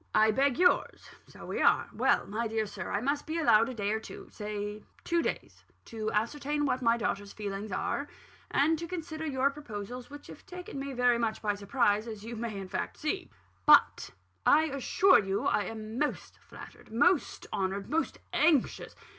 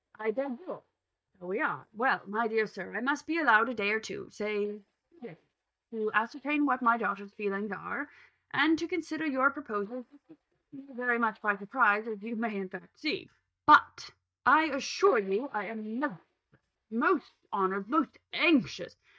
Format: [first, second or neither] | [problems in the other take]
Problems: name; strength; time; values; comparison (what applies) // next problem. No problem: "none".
first | noise reduction (neural mask model DeepFilterNet 3)